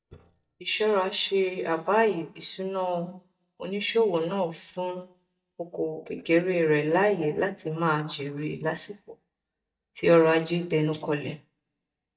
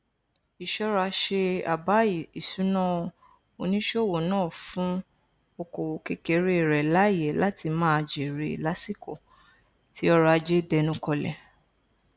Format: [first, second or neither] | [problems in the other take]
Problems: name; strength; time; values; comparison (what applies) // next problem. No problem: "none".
second | noise reduction (neural mask model DeepFilterNet 3)